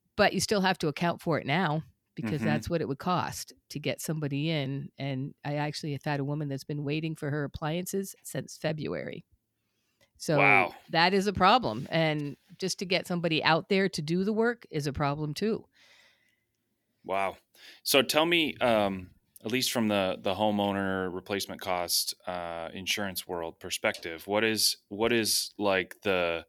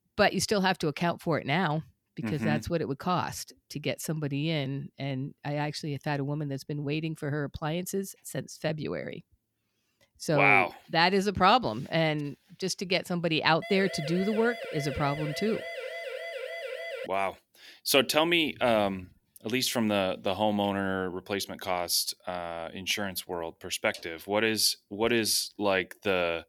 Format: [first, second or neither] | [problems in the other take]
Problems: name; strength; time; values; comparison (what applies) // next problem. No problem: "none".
first | siren; noticeable; from 14 to 17 s; peak 8 dB below the speech